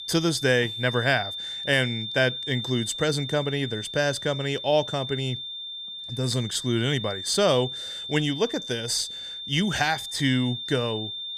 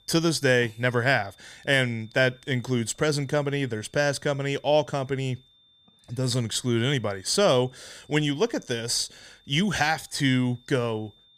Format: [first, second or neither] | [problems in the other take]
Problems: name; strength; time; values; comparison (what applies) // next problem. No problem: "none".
second | high-pitched whine; loud; throughout; 3.5 kHz, 7 dB below the speech; faint in the second